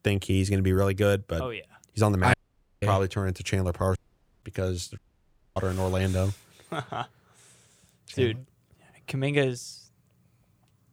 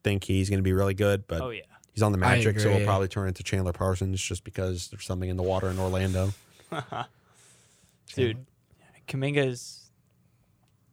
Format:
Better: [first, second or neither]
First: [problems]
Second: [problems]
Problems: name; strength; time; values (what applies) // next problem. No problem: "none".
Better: second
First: audio cutting out; at 2.5 s, at 4 s and at 5 s for 0.5 s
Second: none